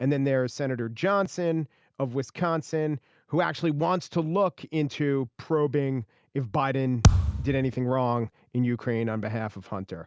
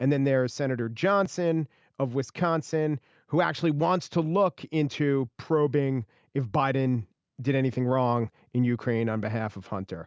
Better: second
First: background sound (Thump, thud); 3 dB above the speech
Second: none

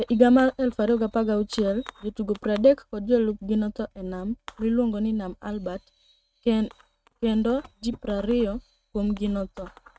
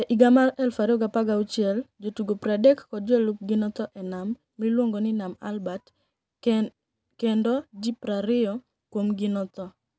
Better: second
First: noise reduction (neural mask model RNNoise)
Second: none

